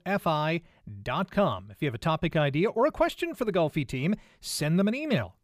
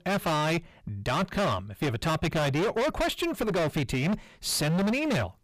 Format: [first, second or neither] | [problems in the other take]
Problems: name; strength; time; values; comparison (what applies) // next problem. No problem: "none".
first | distortion; heavy; 29% of the sound clipped